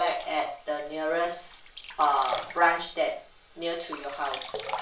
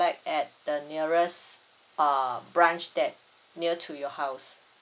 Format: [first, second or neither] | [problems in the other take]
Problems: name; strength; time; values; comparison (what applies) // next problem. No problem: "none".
second | background sound (Sink (filling or washing)); 11 dB below the speech // room echo; dies away in 0.4 s